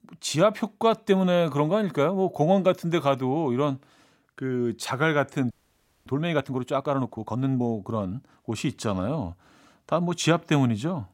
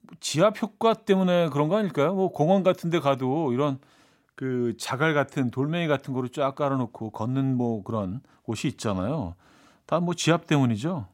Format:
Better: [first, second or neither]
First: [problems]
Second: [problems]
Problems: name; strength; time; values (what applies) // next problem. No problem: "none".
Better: second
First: audio freezing; at 5.5 s for 0.5 s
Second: none